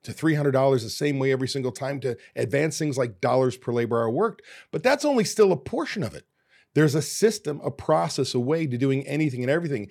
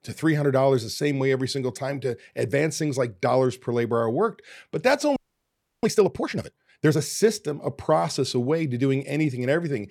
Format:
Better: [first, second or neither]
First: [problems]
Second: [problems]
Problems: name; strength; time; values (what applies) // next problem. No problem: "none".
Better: first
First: none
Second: audio freezing; at 5 s for 0.5 s